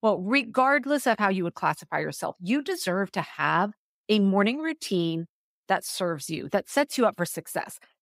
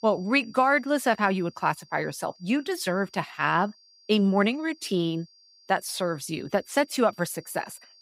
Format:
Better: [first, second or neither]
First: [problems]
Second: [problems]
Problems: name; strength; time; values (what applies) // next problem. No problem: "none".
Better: first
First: none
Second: high-pitched whine; faint; throughout; 4.5 kHz, 25 dB below the speech